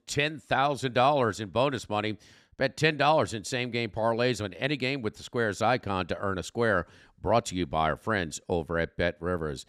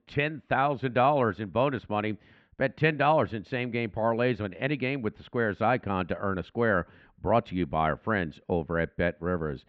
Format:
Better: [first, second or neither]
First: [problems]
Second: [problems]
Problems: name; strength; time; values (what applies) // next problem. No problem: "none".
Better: first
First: none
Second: muffled; very; fading above 3 kHz